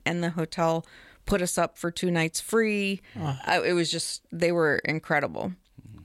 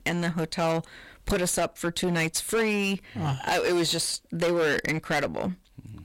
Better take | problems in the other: first | distortion; heavy; 15% of the sound clipped

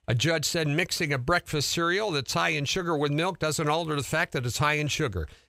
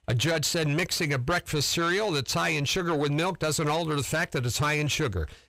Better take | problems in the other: first | distortion; slight; 10 dB below the speech

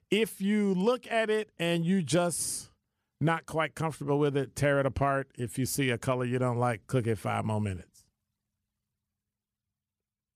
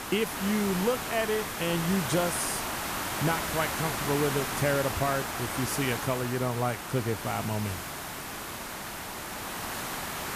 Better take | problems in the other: first | hiss; loud; throughout; 3 dB below the speech

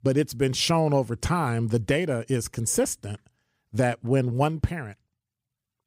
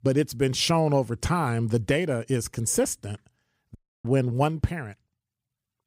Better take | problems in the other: first | audio cutting out; at 4 s

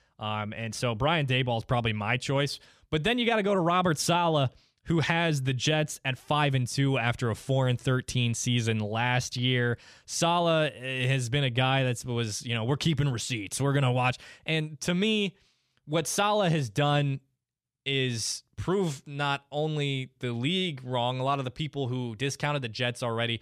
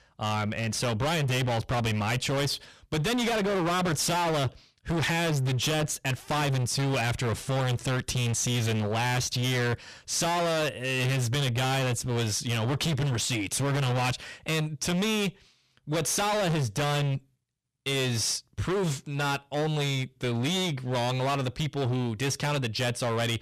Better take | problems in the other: first | distortion; heavy; 34% of the sound clipped

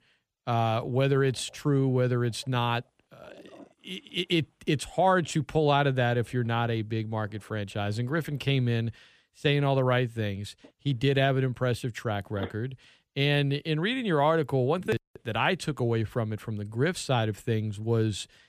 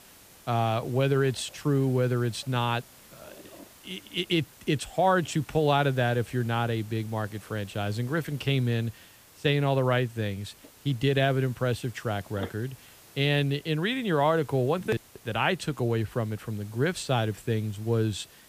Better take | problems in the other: first | hiss; faint; throughout; 25 dB below the speech

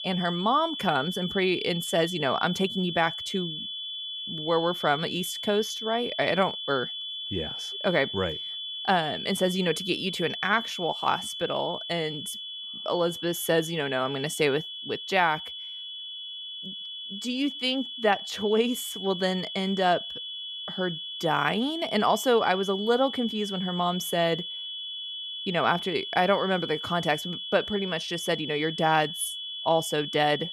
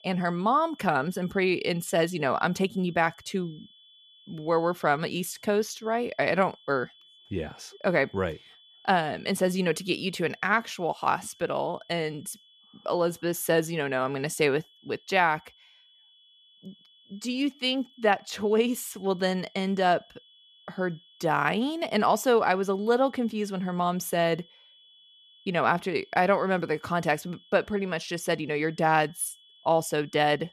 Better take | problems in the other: second | high-pitched whine; loud; throughout; 3.5 kHz, 6 dB below the speech; faint in the second

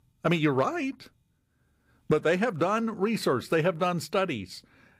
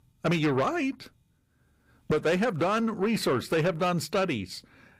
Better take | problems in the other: first | distortion; slight; 10 dB below the speech

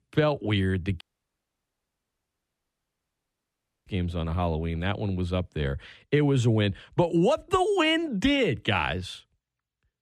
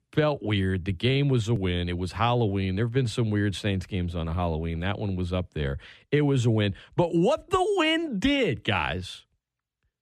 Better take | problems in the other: second | audio cutting out; at 1 s for 3 s

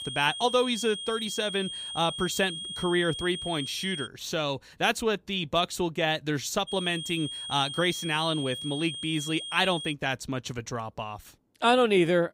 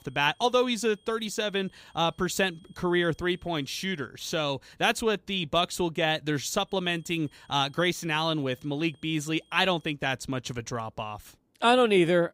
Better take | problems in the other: second | high-pitched whine; loud; until 4 s and from 6.5 to 10 s; 3.5 kHz, 7 dB below the speech; faint in the second

